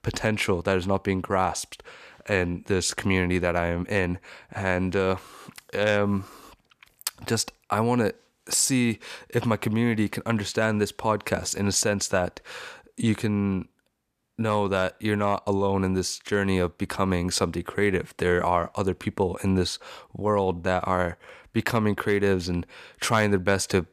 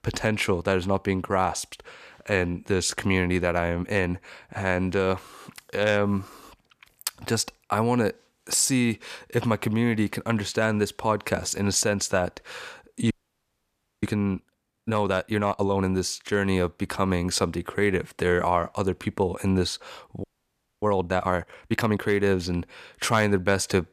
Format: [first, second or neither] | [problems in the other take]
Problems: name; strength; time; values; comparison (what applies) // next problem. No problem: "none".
first | audio freezing; at 13 s for 1 s and at 20 s for 0.5 s